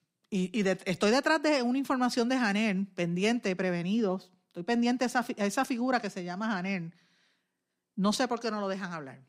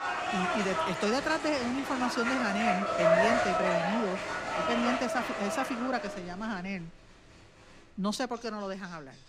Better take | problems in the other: first | crowd noise; very loud; throughout; 2 dB above the speech

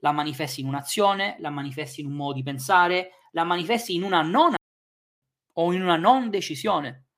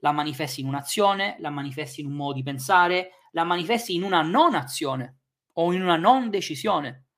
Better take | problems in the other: second | audio cutting out; at 4.5 s for 0.5 s

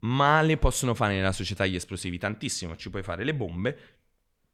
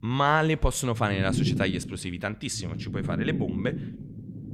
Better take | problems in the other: first | low rumble; noticeable; throughout; 10 dB below the speech

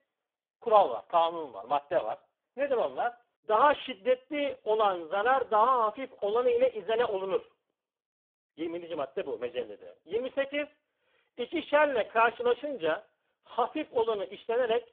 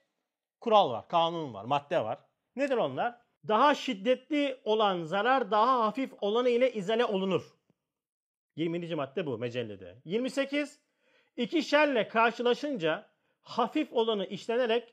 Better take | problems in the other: second | phone-call audio; poor line; nothing above 3.5 kHz

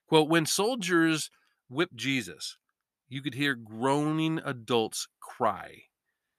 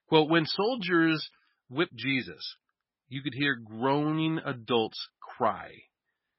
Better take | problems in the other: first | garbled, watery; badly; nothing above 5.5 kHz

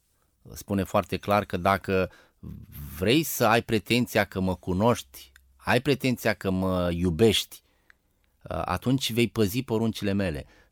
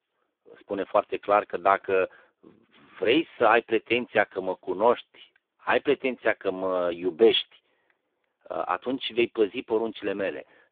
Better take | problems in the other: first | phone-call audio; poor line; nothing above 3.5 kHz

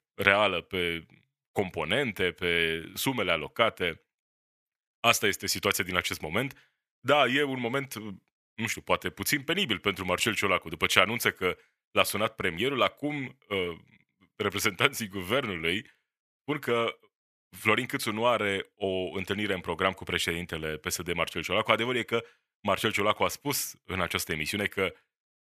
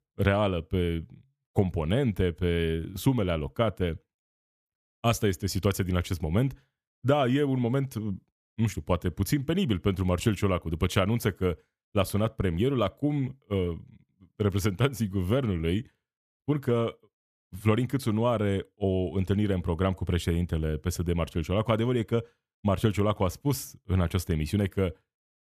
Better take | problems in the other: second | thin; somewhat; fading below 900 Hz

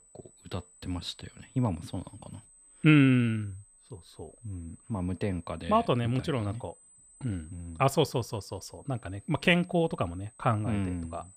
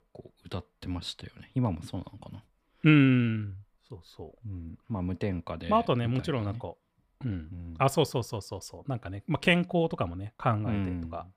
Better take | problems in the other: second | high-pitched whine; faint; throughout; 8 kHz, 25 dB below the speech

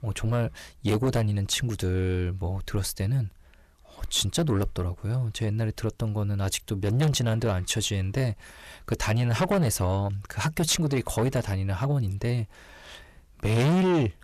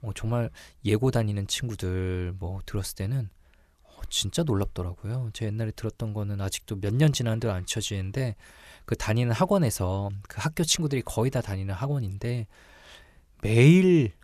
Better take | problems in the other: second | distortion; heavy; 7 dB below the speech

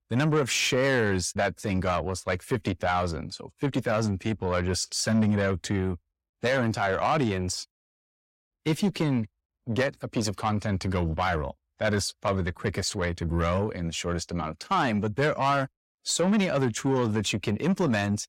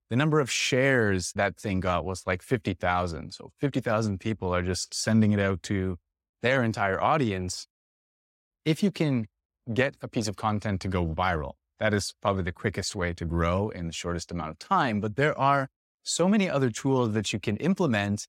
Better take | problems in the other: second | distortion; slight; 10 dB below the speech

